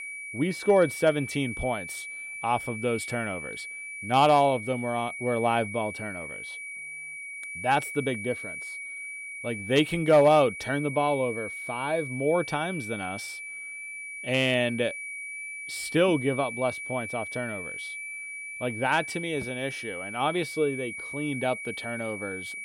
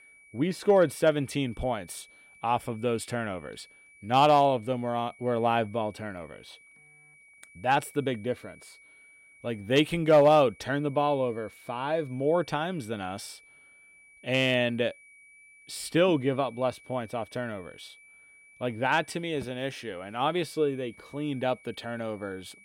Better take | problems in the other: second | high-pitched whine; loud; throughout; 2.5 kHz, 8 dB below the speech; faint in the second

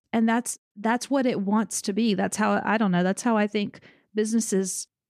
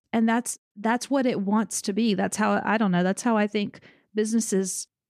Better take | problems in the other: neither | none

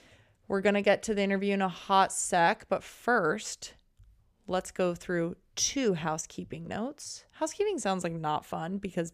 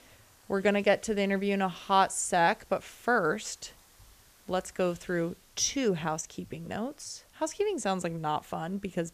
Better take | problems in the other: first | hiss; faint; throughout; 30 dB below the speech

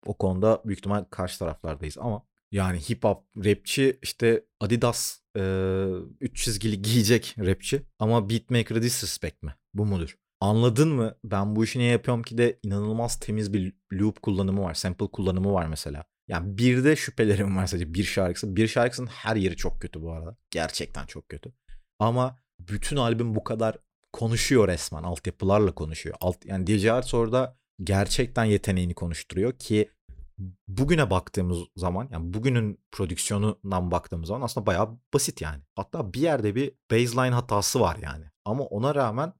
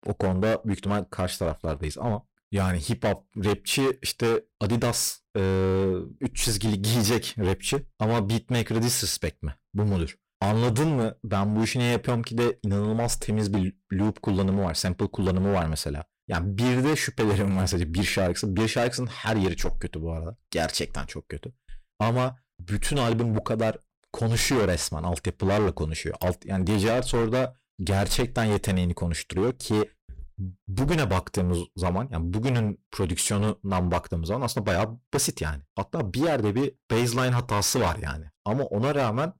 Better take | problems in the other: first | distortion; heavy; 16% of the sound clipped

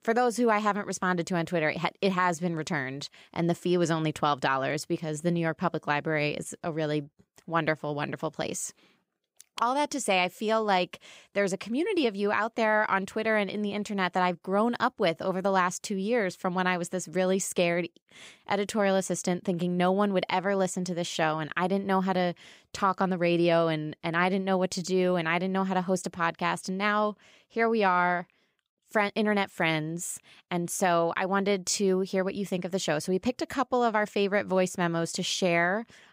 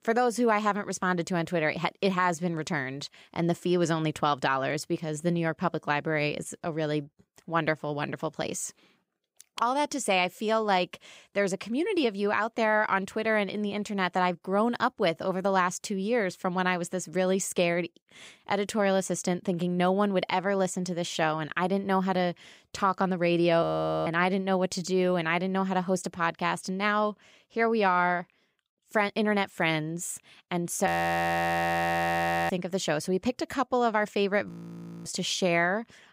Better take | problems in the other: first | audio freezing; at 24 s, at 31 s for 1.5 s and at 34 s for 0.5 s

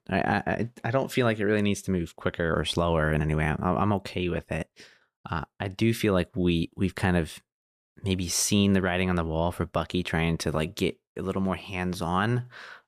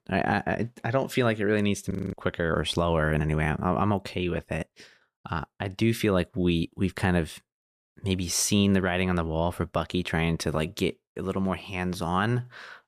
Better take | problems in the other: first | audio freezing; at 2 s

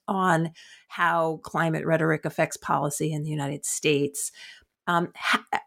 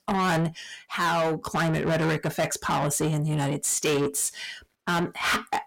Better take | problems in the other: first | distortion; heavy; 6 dB below the speech

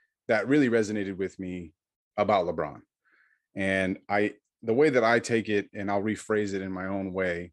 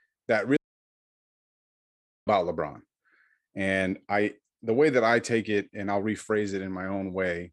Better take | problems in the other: first | audio cutting out; at 0.5 s for 1.5 s

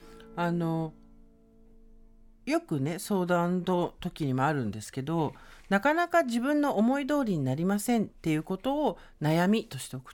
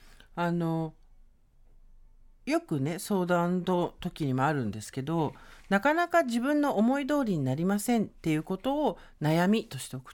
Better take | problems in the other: second | background music; faint; throughout; 30 dB below the speech

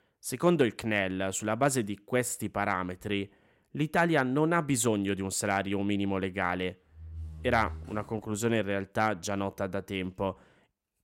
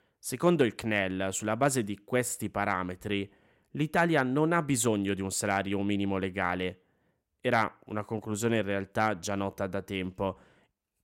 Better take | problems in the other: second | door banging; faint; from 7 to 8.5 s; peak 10 dB below the speech

